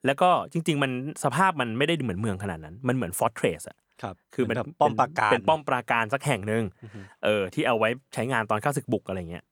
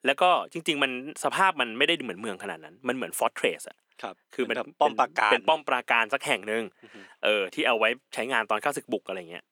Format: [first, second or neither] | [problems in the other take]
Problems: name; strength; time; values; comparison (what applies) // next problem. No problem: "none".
first | thin; somewhat; fading below 250 Hz